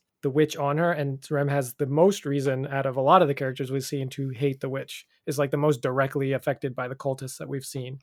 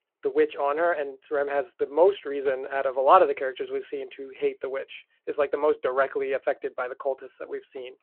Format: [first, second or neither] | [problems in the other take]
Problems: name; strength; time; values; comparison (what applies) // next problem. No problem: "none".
first | phone-call audio